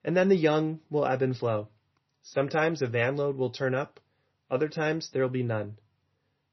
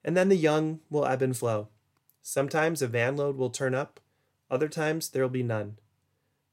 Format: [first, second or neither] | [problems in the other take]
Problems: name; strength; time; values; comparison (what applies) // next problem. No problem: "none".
second | garbled, watery; slightly; nothing above 6 kHz